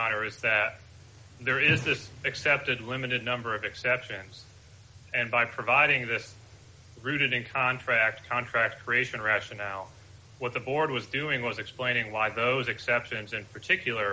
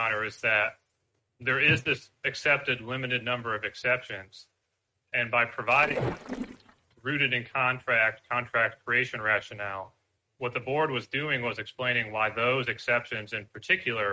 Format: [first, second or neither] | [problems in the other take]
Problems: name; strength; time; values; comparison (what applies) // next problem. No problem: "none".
first | noise reduction (neural mask model RNNoise)